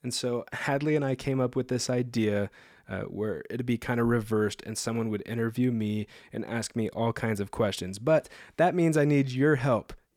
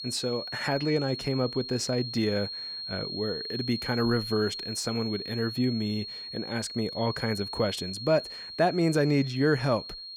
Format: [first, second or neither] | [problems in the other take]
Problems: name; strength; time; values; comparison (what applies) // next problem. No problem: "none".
first | high-pitched whine; loud; throughout; 4.5 kHz, 7 dB below the speech